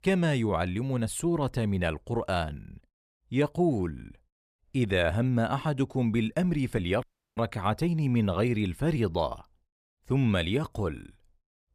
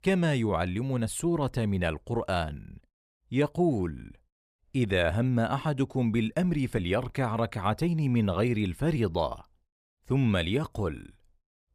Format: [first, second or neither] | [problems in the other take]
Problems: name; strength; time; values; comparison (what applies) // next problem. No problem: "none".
second | audio cutting out; at 7 s